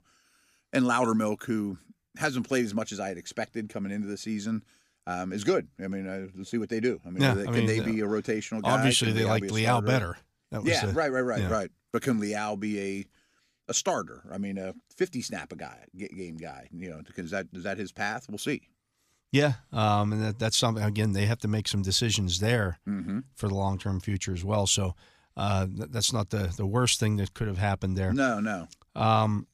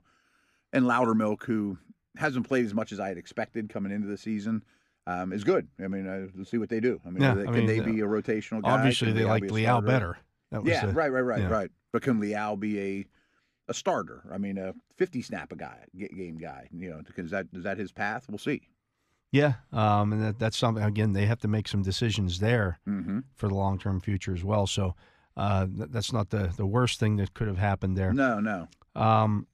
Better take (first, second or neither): first